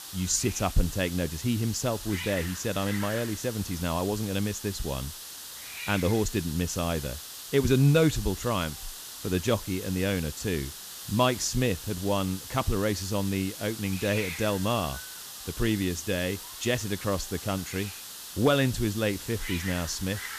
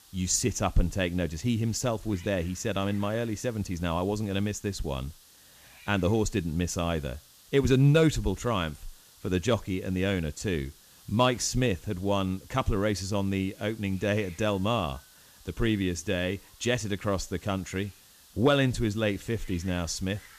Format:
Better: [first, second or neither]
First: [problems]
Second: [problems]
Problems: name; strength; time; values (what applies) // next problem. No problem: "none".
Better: second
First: hiss; loud; throughout; 9 dB below the speech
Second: hiss; faint; throughout; 25 dB below the speech